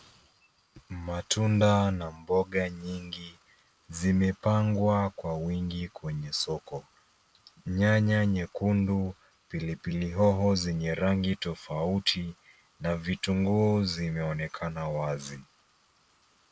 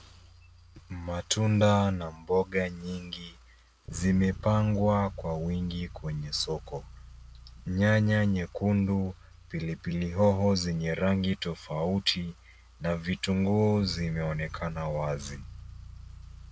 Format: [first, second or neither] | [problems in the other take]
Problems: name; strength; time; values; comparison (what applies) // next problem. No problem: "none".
first | background sound (Bass guitar); 17 dB below the speech